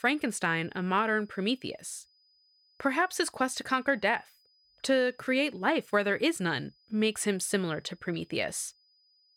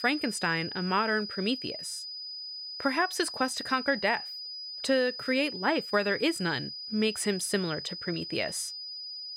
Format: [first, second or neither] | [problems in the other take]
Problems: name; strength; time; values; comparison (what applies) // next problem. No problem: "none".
first | high-pitched whine; loud; throughout; 5 kHz, 7 dB below the speech; faint in the first